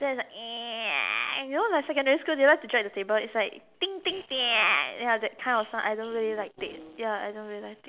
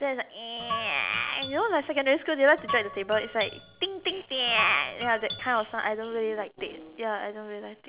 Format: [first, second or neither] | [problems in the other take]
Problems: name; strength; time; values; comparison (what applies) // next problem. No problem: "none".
first | background sound (Guitar); 10 dB below the speech